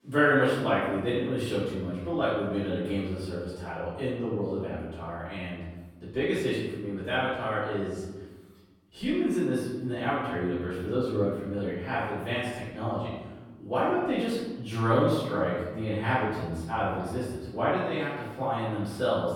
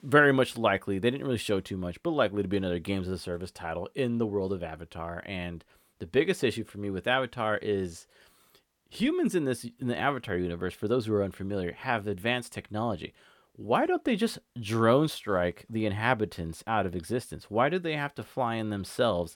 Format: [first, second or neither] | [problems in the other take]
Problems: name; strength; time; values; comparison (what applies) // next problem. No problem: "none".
second | off-mic speech; far // room echo; strong; dies away in 1.2 s